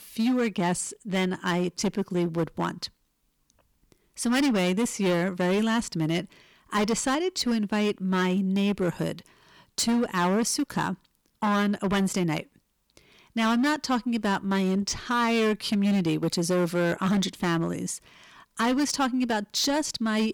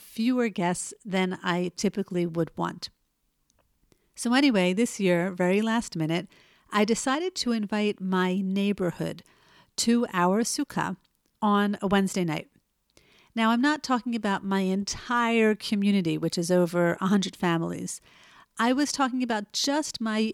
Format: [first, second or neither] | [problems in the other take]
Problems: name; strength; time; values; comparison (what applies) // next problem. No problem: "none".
second | distortion; slight; 12% of the sound clipped